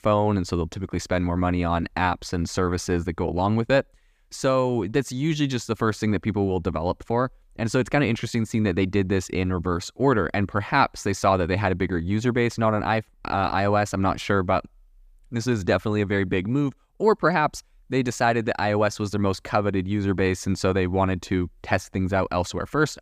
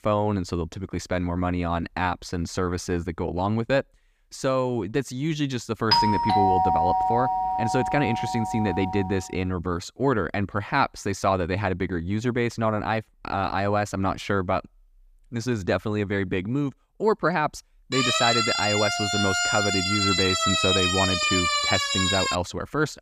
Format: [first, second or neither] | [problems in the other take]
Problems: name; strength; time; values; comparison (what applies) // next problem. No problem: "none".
first | doorbell; loud; from 6 to 9 s; peak 6 dB above the speech // siren; loud; from 18 to 22 s; peak 6 dB above the speech